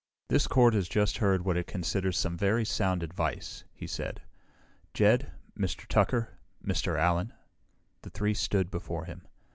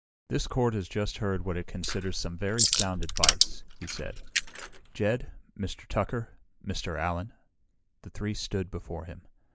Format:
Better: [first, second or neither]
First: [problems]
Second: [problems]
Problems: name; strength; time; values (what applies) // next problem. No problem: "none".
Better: first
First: none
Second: noise reduction (neural mask model Resemble Enhance denoiser)